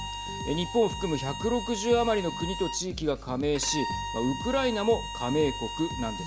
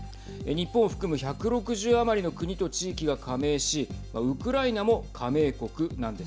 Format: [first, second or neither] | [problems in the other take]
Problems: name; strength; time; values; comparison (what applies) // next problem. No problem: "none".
second | background sound (Bowed string instrument); 9 dB below the speech